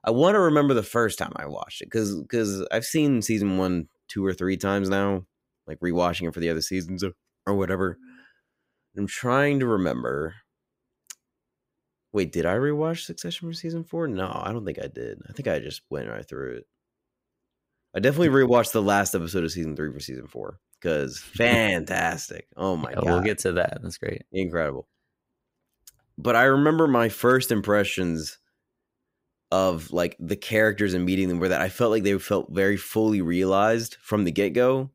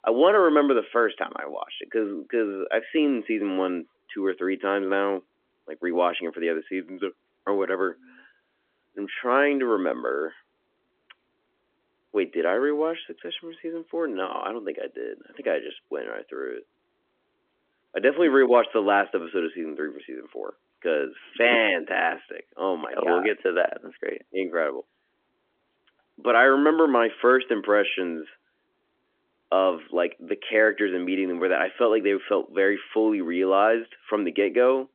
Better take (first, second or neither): first